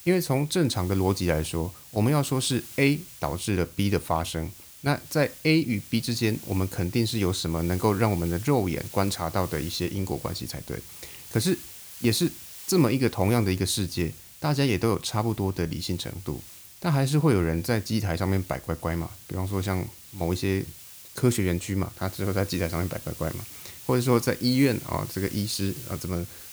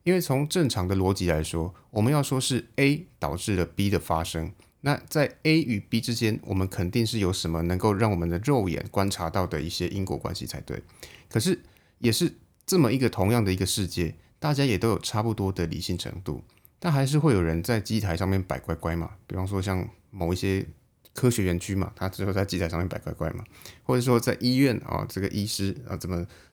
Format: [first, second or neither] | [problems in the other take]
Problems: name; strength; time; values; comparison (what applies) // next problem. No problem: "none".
second | hiss; noticeable; throughout; 15 dB below the speech